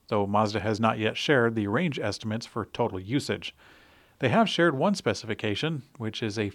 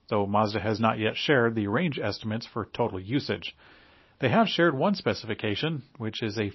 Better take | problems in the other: first | garbled, watery; slightly; nothing above 5.5 kHz

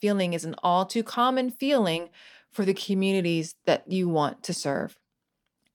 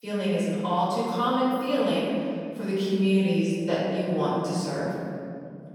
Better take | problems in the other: first | off-mic speech; far // room echo; strong; dies away in 2.4 s

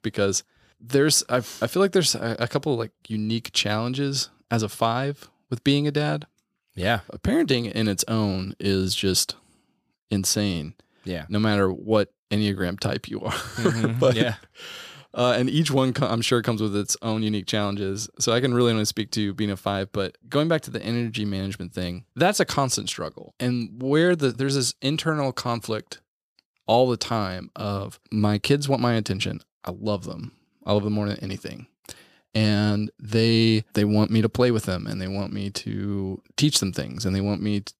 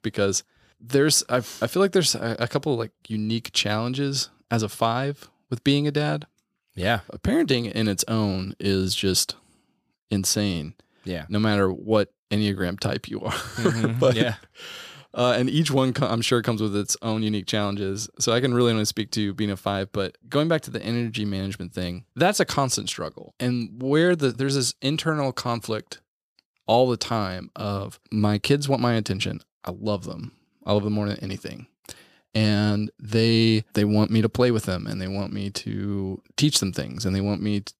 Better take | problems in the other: neither | none

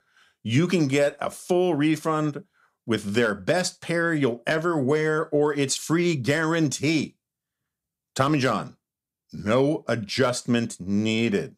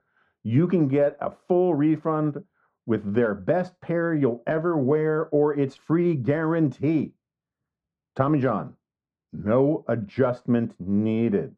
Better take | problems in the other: first | muffled; very; fading above 3 kHz

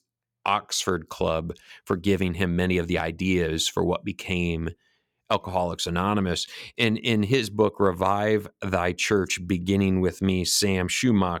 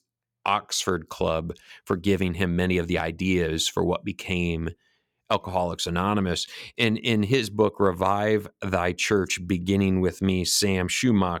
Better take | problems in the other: neither | none

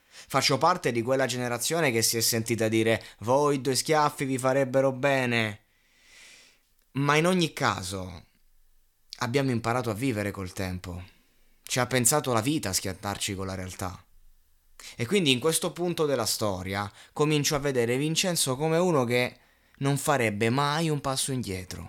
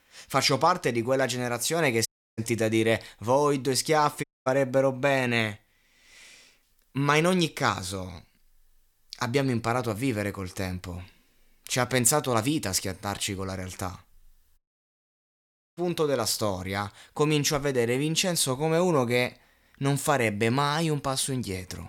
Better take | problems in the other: first | audio cutting out; at 2 s, at 4 s and at 15 s for 1 s

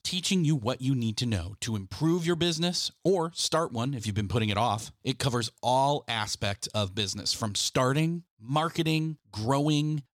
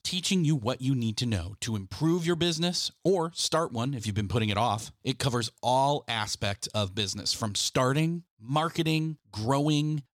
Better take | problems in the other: neither | none

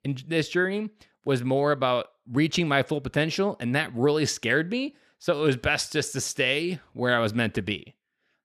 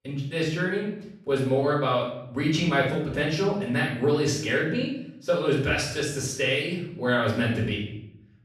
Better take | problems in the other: first | off-mic speech; far // room echo; noticeable; dies away in 0.7 s

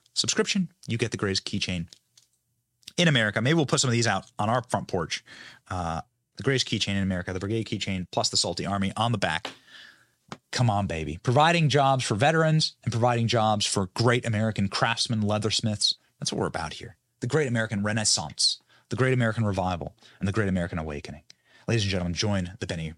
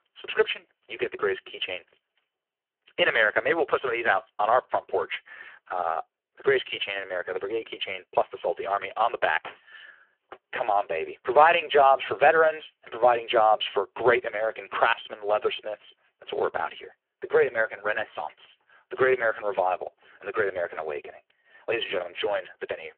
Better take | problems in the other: first | phone-call audio; poor line

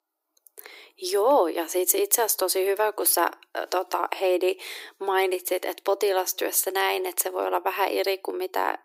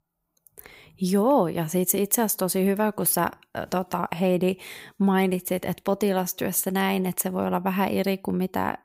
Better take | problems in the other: second | thin; very; fading below 300 Hz

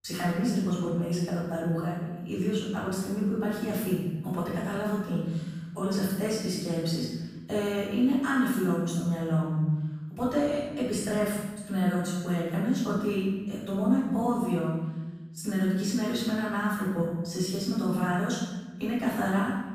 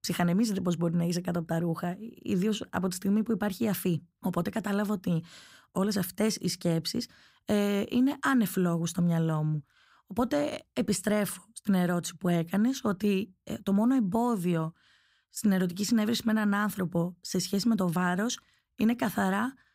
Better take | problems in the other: second | off-mic speech; far // room echo; strong; dies away in 1.2 s

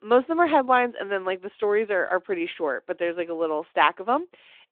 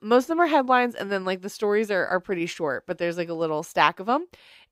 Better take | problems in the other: second | phone-call audio

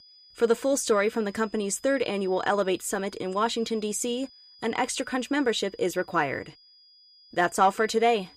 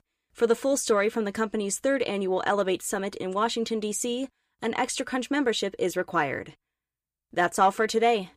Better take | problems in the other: second | high-pitched whine; faint; throughout; 5 kHz, 25 dB below the speech

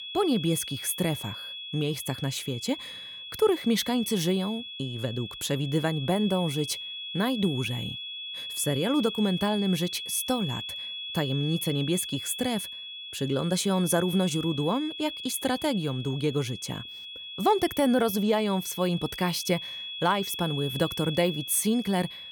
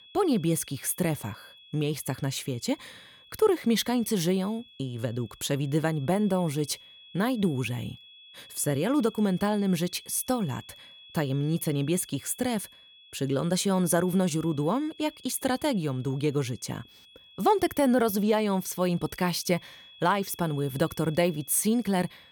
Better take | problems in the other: second | high-pitched whine; loud; throughout; 3.5 kHz, 8 dB below the speech; faint in the second

